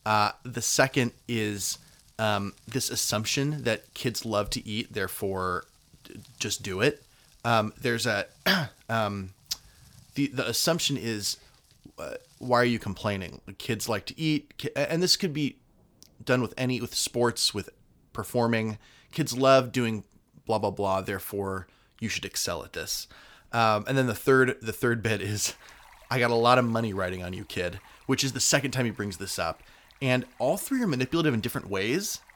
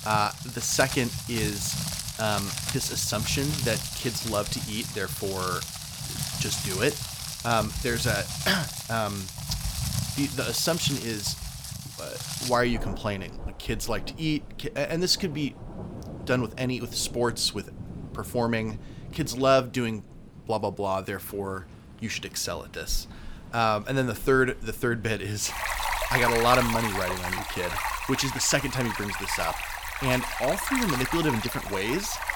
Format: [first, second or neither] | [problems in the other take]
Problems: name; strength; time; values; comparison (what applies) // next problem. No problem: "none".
first | rain or running water; loud; throughout; 4 dB below the speech; faint in the first